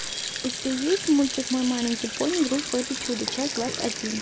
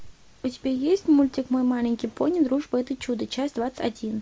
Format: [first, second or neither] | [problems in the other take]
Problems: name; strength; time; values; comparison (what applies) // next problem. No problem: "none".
second | background sound (Sink (filling or washing)); 6 dB below the speech